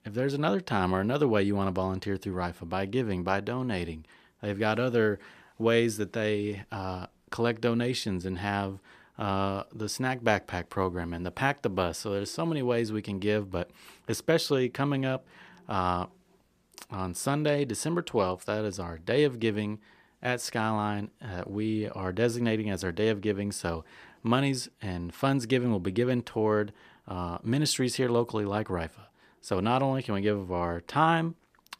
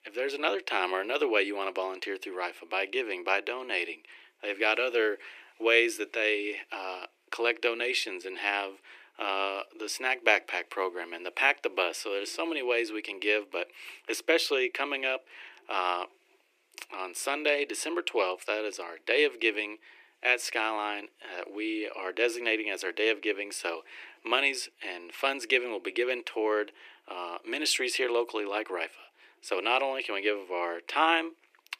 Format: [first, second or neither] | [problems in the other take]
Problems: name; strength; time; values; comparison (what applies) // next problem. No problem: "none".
first | thin; very; fading below 300 Hz